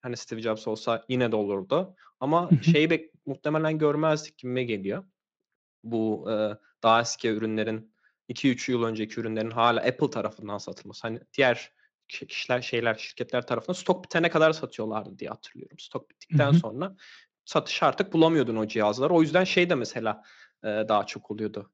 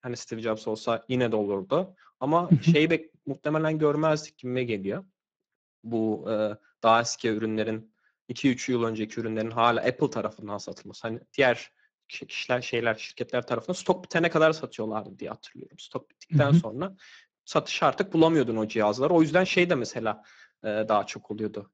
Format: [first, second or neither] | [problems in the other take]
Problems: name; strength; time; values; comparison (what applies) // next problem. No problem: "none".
first | garbled, watery; badly; slightly in the first